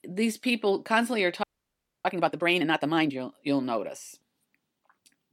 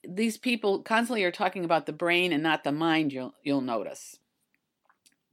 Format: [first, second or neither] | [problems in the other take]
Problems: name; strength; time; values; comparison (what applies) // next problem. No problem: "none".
second | audio freezing; at 1.5 s for 0.5 s